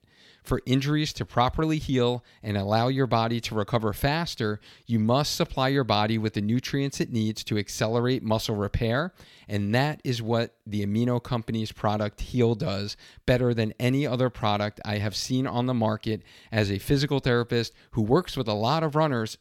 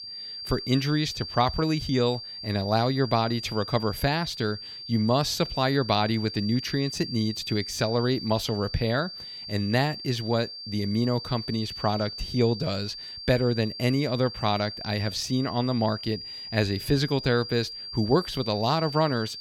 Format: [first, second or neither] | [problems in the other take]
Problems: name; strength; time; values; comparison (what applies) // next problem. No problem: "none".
first | high-pitched whine; loud; throughout; 4.5 kHz, 9 dB below the speech